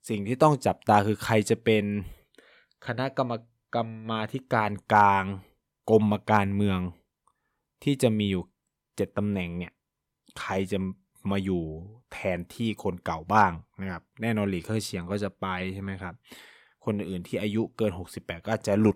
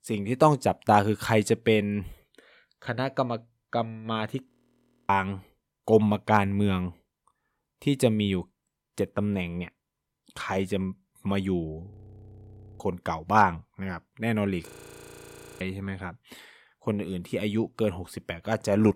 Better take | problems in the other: first | audio freezing; at 4.5 s for 0.5 s, at 12 s for 1 s and at 15 s for 1 s

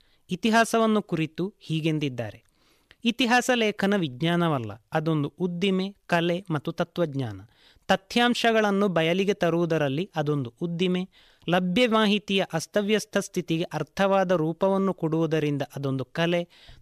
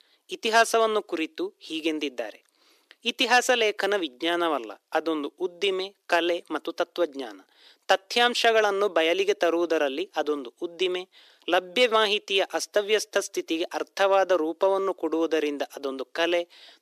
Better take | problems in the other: first | thin; very; fading below 300 Hz

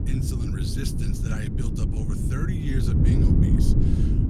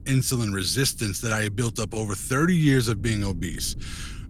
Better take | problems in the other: second | wind noise on the microphone; heavy; 5 dB above the speech; occasional gusts in the second

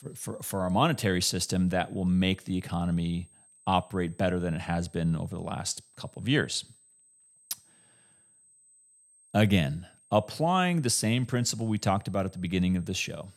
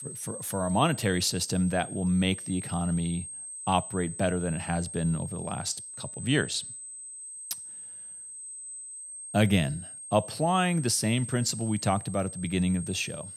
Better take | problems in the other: first | high-pitched whine; loud; throughout; 8 kHz, 10 dB below the speech; faint in the first

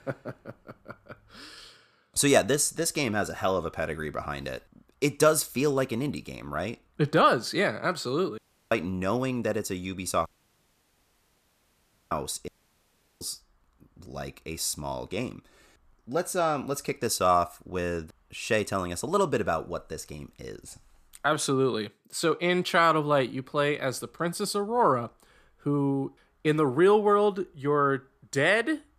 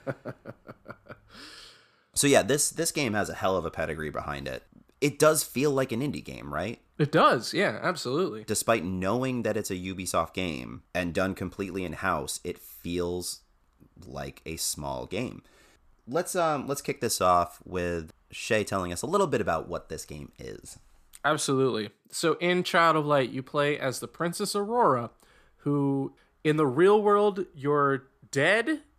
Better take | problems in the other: second | audio cutting out; at 8.5 s, at 10 s for 2 s and at 12 s for 0.5 s

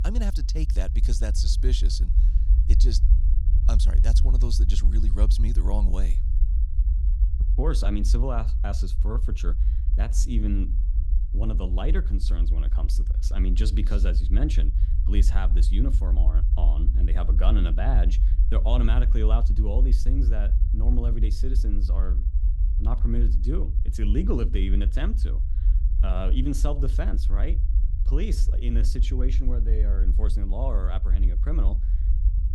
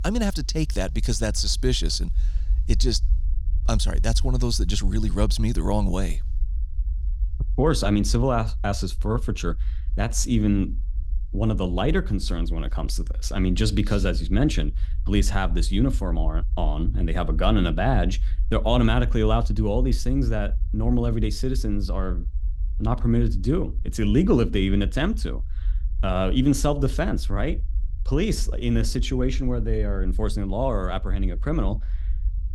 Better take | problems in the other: second | low rumble; loud; throughout; 9 dB below the speech; faint in the second

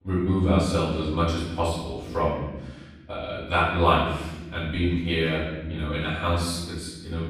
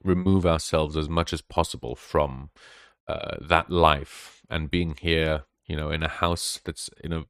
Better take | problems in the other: second | off-mic speech; far // room echo; strong; dies away in 1.2 s

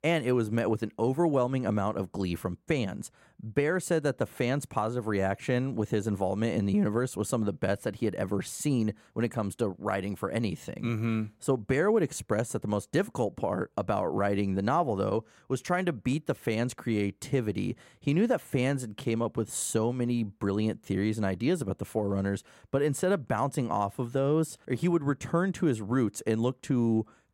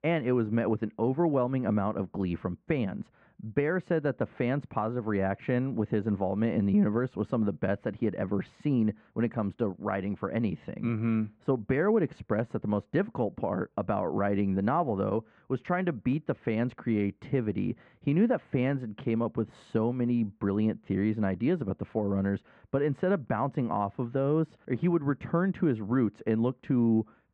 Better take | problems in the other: first | muffled; very; fading above 2.5 kHz

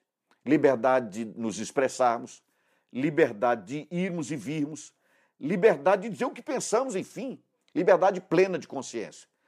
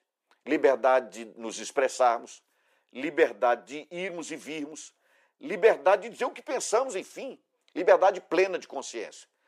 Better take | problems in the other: first | thin; somewhat; fading below 500 Hz

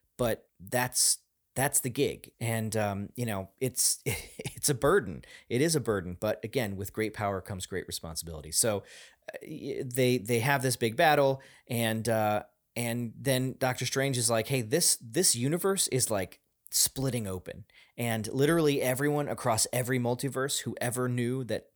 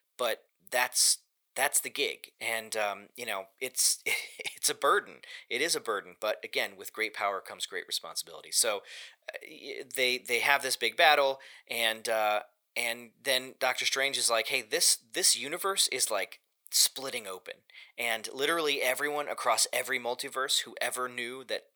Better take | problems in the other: first | thin; very; fading below 600 Hz

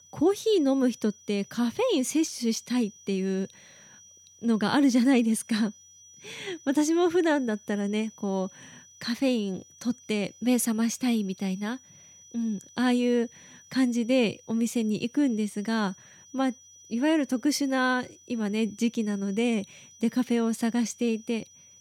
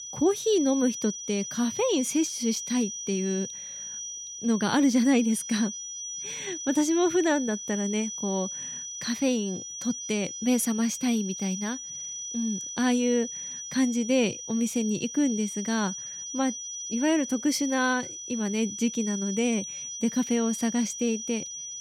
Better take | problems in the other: first | high-pitched whine; loud; throughout; 6 kHz, 7 dB below the speech; faint in the first

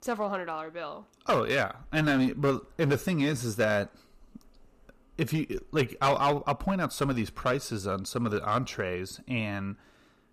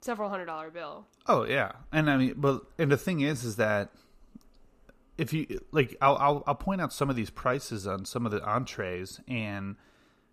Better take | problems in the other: second | distortion; slight; 4% of the sound clipped

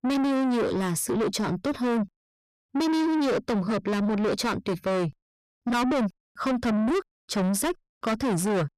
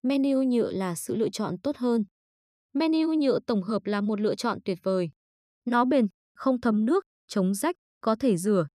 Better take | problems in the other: second | distortion; heavy; 7 dB below the speech

